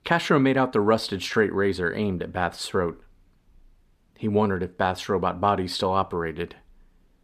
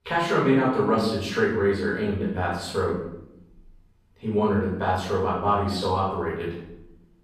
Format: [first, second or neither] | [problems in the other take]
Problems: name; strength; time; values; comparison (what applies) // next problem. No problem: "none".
first | off-mic speech; far // room echo; noticeable; dies away in 0.7 s